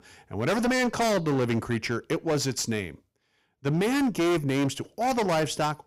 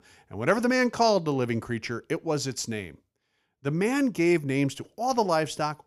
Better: second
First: distortion; heavy; 19% of the sound clipped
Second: none

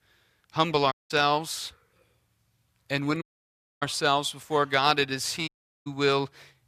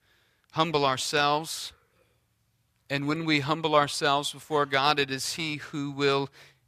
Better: second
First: audio cutting out; at 1 s, at 3 s for 0.5 s and at 5.5 s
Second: none

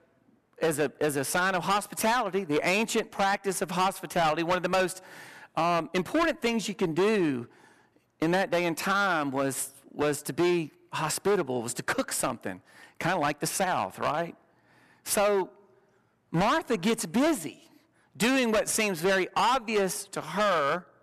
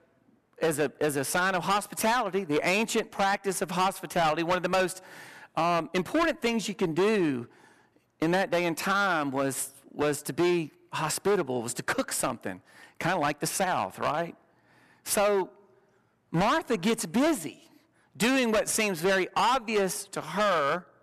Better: neither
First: distortion; heavy; 11% of the sound clipped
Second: distortion; heavy; 11% of the sound clipped

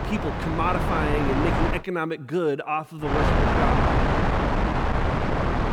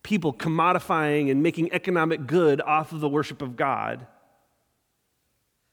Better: second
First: wind noise on the microphone; heavy; until 1.5 s and from 3 s on; 3 dB above the speech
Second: none

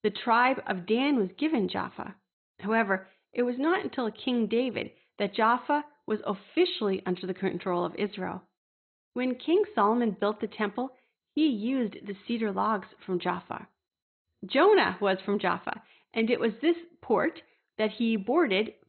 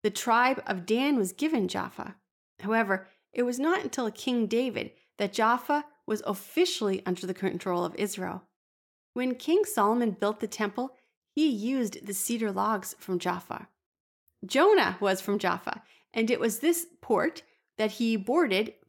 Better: second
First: garbled, watery; badly; nothing above 4 kHz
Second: none

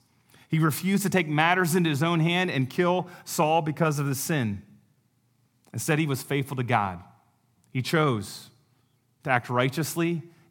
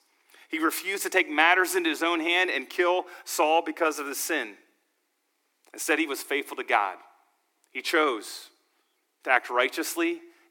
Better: first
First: none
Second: thin; very; fading below 300 Hz

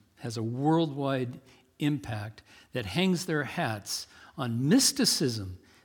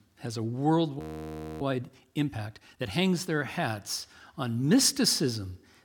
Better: first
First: none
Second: audio freezing; at 1 s for 0.5 s

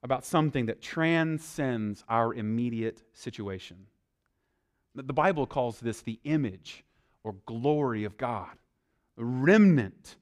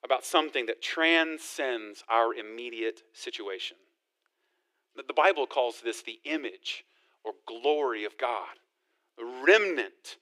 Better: first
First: none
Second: thin; very; fading below 350 Hz

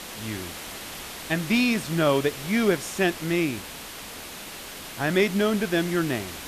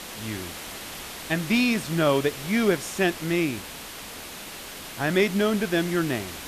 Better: neither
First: hiss; noticeable; throughout; 10 dB below the speech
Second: hiss; noticeable; throughout; 10 dB below the speech

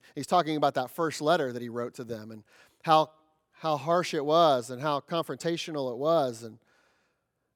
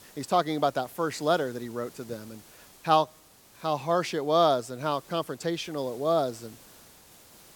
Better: first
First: none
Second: hiss; faint; throughout; 25 dB below the speech

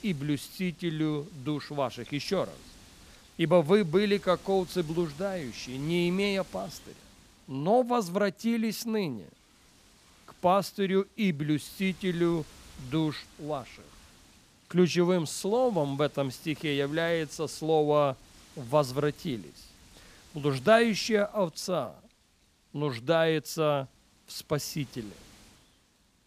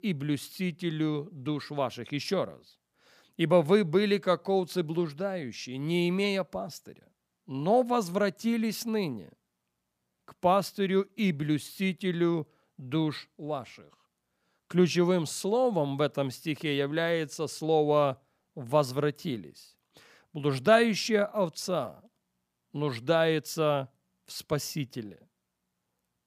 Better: second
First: wind noise on the microphone; occasional gusts; 25 dB below the speech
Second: none

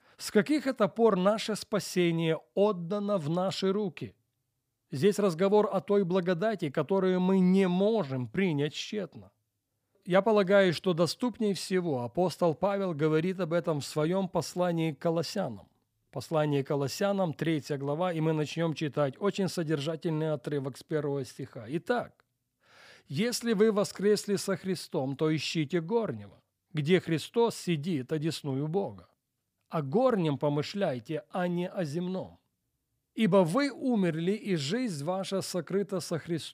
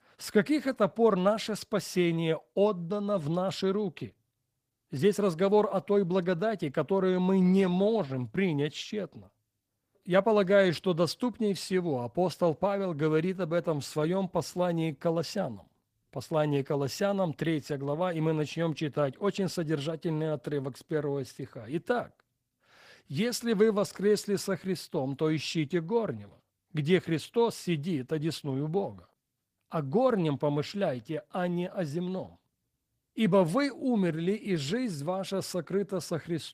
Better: first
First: none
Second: garbled, watery; slightly; nothing above 15 kHz

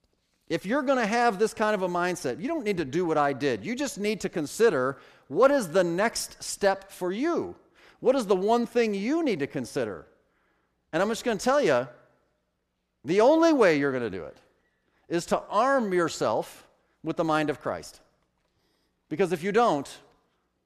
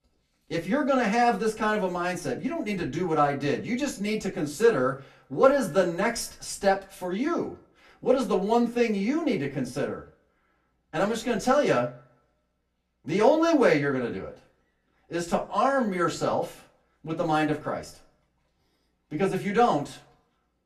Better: first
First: none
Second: off-mic speech; far // room echo; very slight; dies away in 0.2 s

